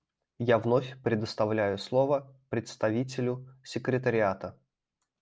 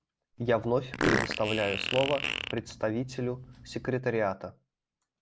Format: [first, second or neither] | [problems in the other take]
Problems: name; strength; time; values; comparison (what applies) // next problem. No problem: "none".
first | background sound (Fart); 3 dB below the speech